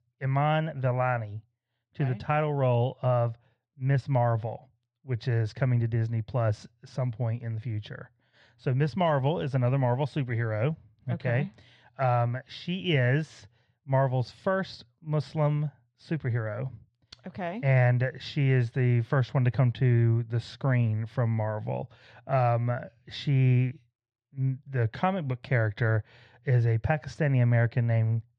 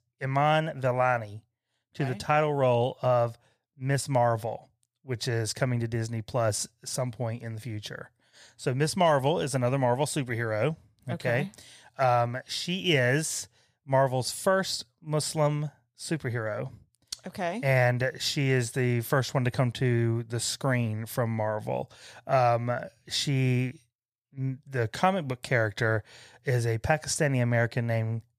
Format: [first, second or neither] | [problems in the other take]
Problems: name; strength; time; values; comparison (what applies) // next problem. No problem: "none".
second | muffled; slightly; fading above 3.5 kHz